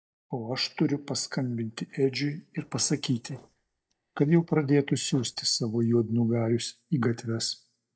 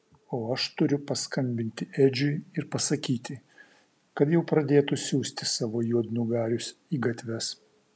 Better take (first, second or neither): second